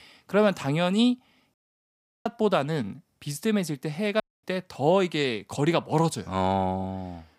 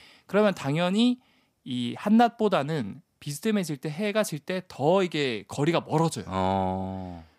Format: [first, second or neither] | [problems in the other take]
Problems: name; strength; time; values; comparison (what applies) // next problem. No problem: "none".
second | audio cutting out; at 1.5 s for 0.5 s and at 4 s